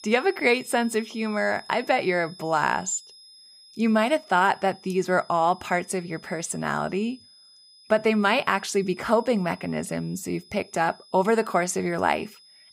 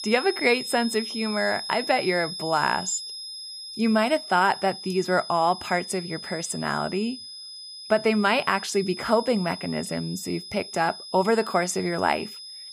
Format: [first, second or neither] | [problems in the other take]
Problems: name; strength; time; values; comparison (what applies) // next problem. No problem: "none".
first | high-pitched whine; loud; throughout; 5 kHz, 10 dB below the speech; faint in the first